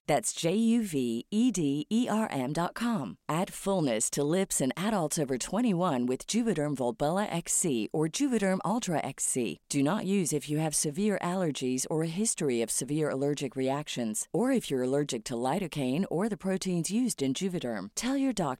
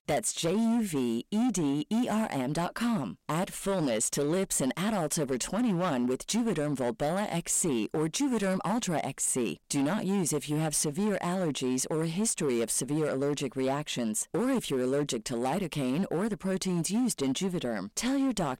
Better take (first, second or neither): first